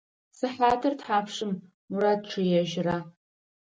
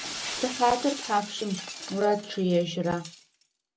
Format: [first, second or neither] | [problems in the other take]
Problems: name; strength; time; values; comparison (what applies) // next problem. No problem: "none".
first | background sound (Shatter); 11 dB below the speech